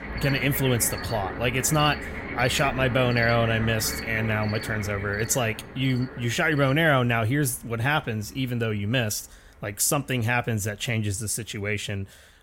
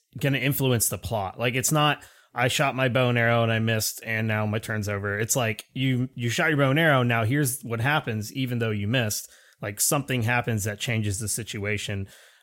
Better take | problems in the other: second | animal sounds; loud; throughout; 9 dB below the speech

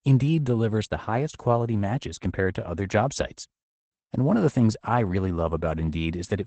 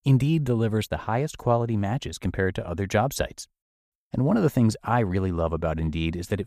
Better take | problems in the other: second | garbled, watery; badly; nothing above 8 kHz

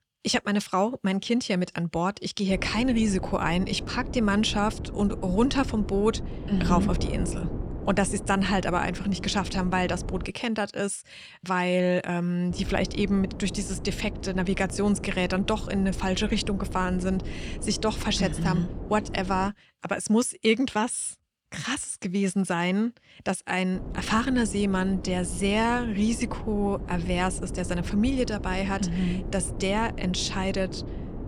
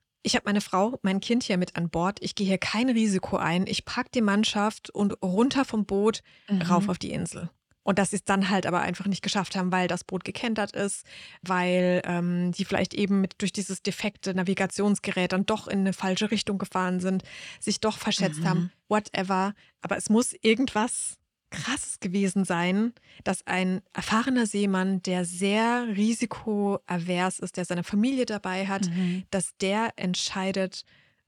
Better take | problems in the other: second | wind noise on the microphone; occasional gusts; from 2.5 to 10 s, from 13 to 19 s and from 24 s on; 15 dB below the speech

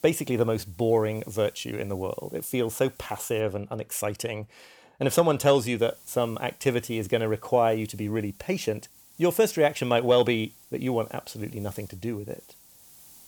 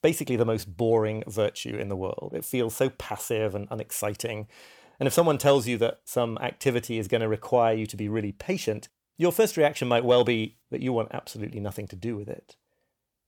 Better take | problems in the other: second | hiss; faint; until 3.5 s and from 6 s on; 25 dB below the speech

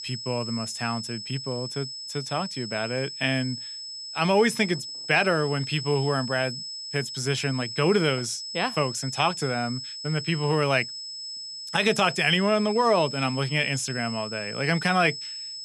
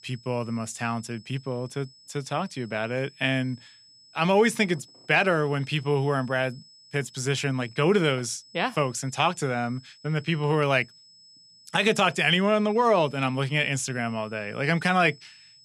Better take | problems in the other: second | high-pitched whine; loud; throughout; 5 kHz, 8 dB below the speech; faint in the second

